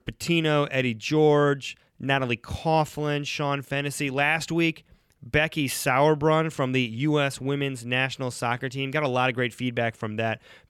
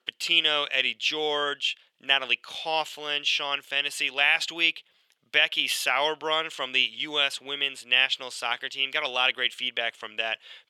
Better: first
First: none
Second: thin; very; fading below 600 Hz

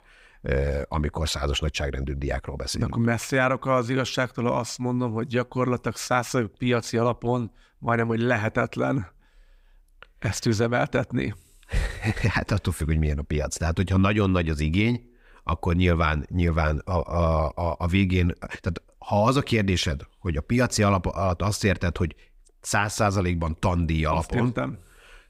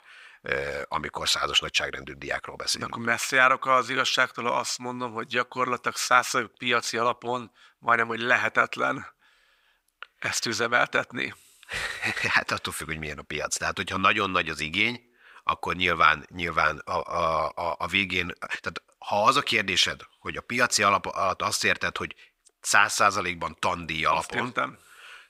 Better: first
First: none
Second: thin; very; fading below 1 kHz

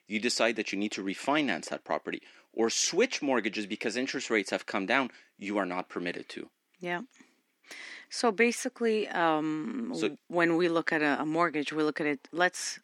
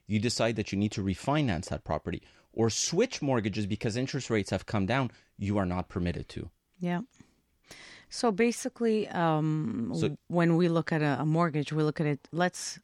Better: second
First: thin; somewhat; fading below 250 Hz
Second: none

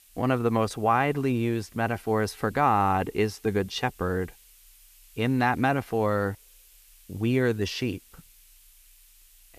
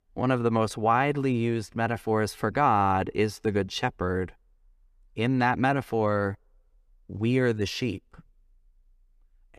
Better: second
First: hiss; faint; throughout; 25 dB below the speech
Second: none

